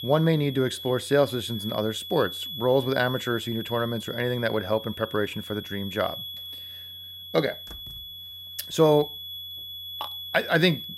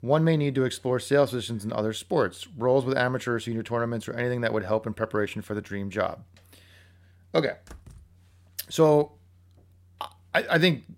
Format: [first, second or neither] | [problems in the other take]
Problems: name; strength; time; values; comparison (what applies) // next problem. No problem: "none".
second | high-pitched whine; loud; throughout; 3.5 kHz, 10 dB below the speech